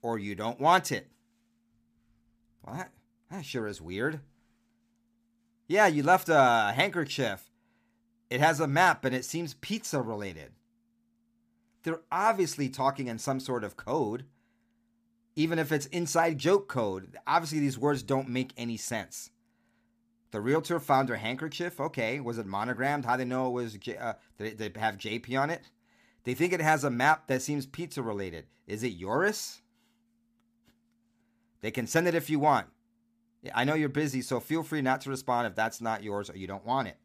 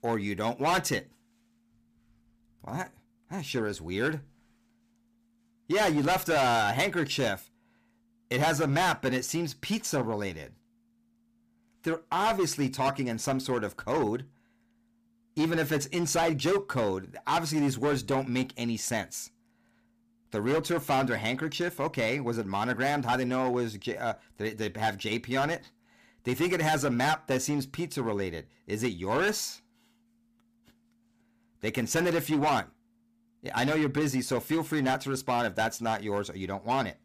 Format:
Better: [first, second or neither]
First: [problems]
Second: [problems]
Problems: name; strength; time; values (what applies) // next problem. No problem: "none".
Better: first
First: none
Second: distortion; heavy; 8% of the sound clipped